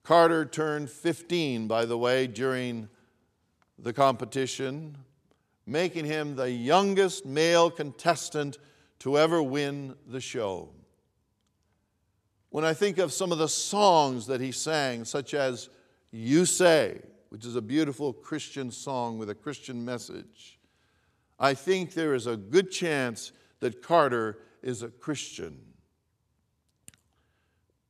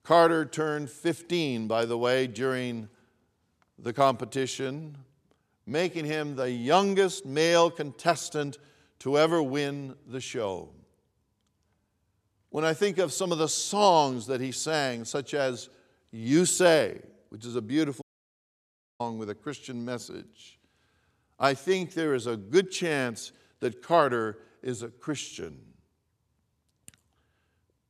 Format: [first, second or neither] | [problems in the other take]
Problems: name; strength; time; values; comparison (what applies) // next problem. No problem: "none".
first | audio cutting out; at 18 s for 1 s